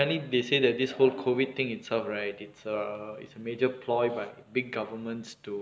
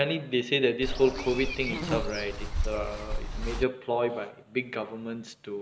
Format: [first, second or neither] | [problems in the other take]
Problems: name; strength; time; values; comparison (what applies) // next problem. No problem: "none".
first | background sound (Walk, footsteps / Insect); 2 dB below the speech